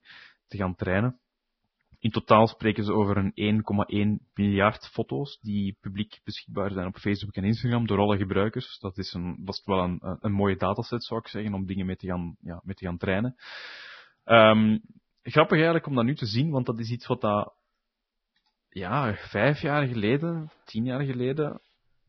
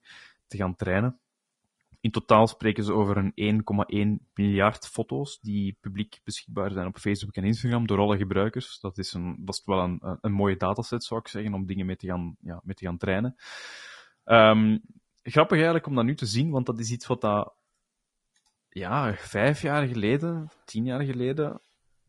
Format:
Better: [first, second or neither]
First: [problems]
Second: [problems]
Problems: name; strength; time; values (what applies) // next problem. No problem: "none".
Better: second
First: garbled, watery; badly; nothing above 5.5 kHz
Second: garbled, watery; slightly; nothing above 10.5 kHz